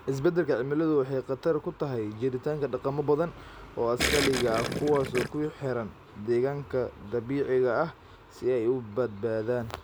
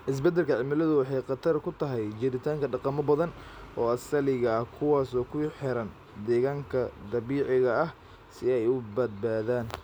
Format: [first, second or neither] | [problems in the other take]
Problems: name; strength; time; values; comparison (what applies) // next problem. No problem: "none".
second | background sound (Gurgling); 3 dB below the speech